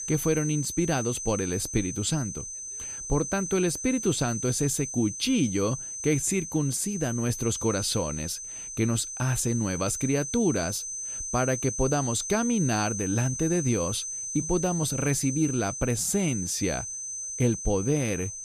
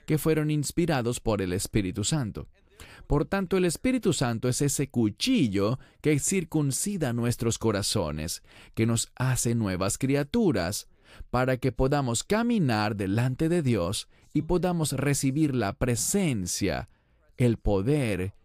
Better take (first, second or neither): second